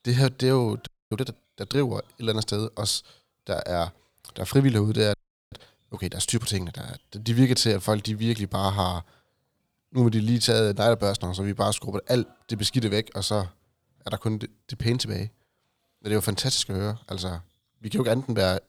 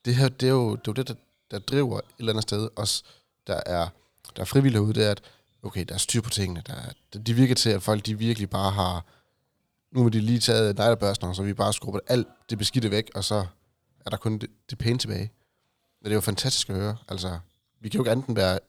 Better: second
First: audio freezing; at 1 s and at 5 s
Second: none

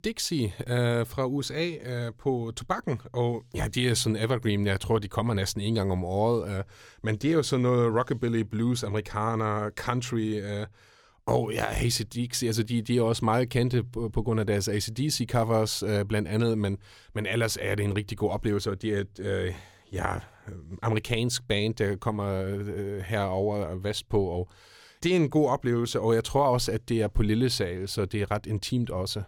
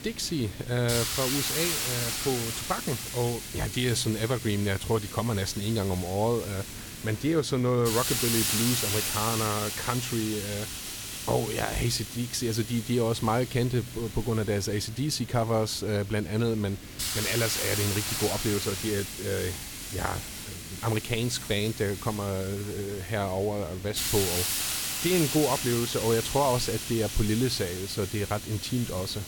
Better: first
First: none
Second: hiss; loud; throughout; 3 dB below the speech

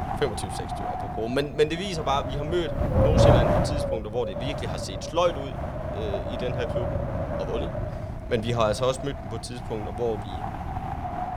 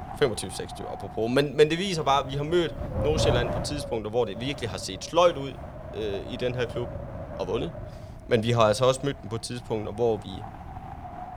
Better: second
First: wind noise on the microphone; heavy; 1 dB below the speech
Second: wind noise on the microphone; occasional gusts; 10 dB below the speech

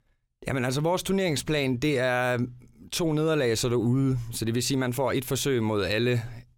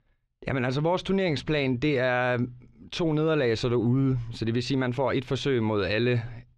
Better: first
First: none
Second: muffled; very slightly; fading above 4 kHz

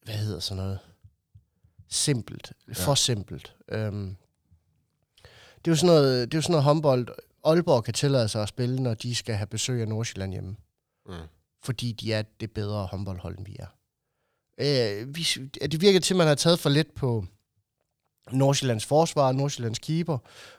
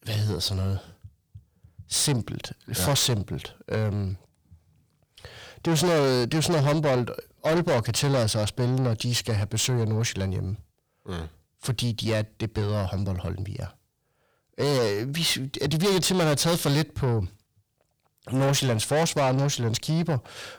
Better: first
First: none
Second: distortion; heavy; 6 dB below the speech

